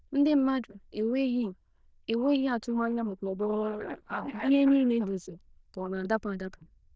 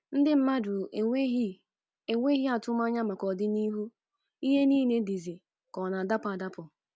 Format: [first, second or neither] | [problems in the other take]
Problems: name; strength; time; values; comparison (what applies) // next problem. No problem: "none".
second | noise reduction (neural diffusion model UNIVERSE++)